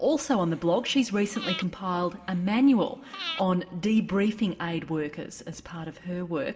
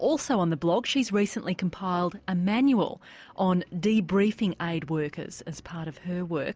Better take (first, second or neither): second